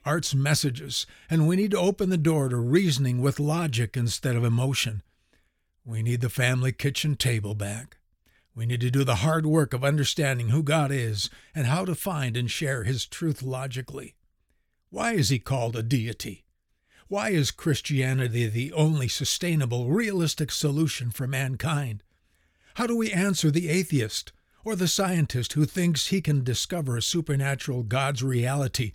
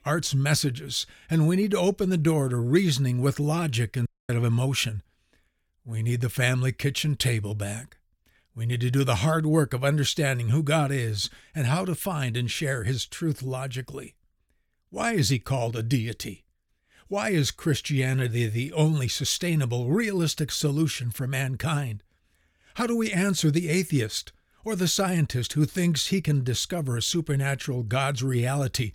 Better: first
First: none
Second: audio cutting out; at 4 s

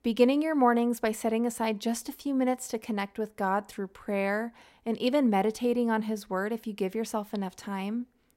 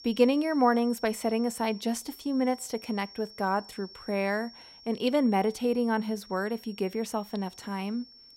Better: first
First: none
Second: high-pitched whine; noticeable; throughout; 5.5 kHz, 20 dB below the speech

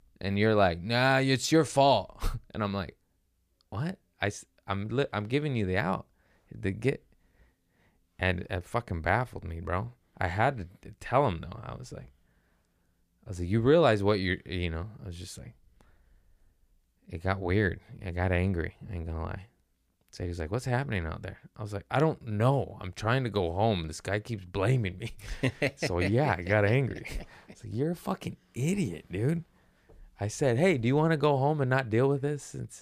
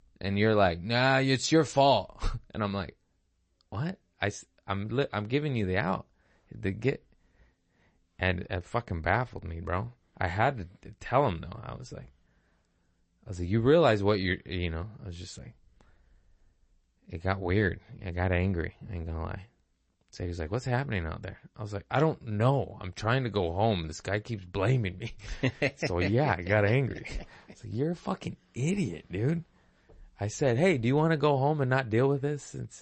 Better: first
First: none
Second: garbled, watery; slightly; nothing above 8 kHz

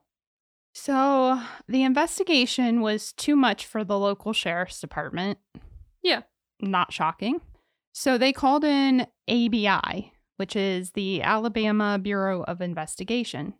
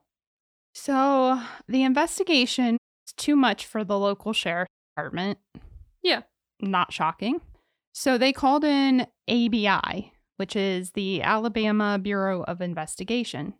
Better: first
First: none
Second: audio cutting out; at 3 s and at 4.5 s

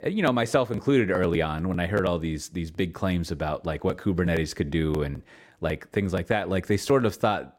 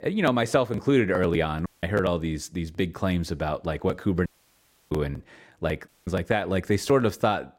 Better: first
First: none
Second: audio cutting out; at 1.5 s, at 4.5 s for 0.5 s and at 6 s

